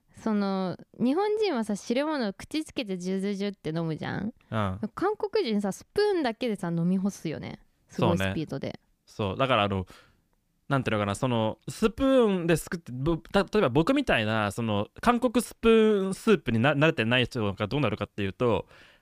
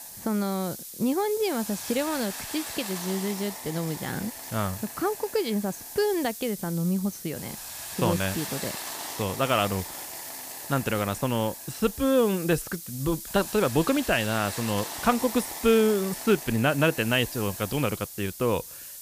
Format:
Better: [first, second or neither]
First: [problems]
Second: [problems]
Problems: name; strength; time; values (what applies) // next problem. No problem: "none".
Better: first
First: none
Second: hiss; loud; throughout; 8 dB below the speech